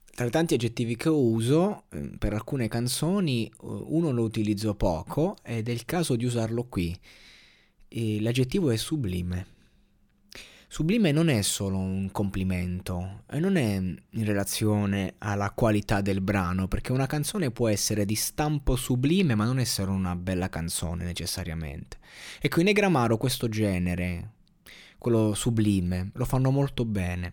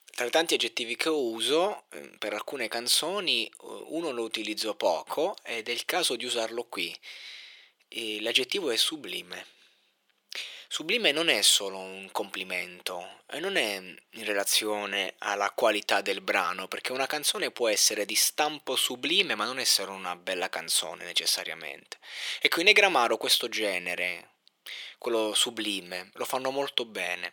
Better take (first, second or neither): first